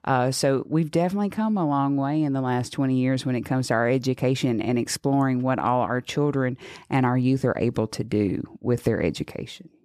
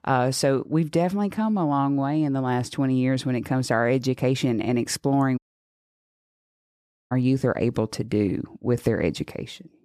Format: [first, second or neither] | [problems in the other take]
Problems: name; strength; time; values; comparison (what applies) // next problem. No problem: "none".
first | audio cutting out; at 5.5 s for 1.5 s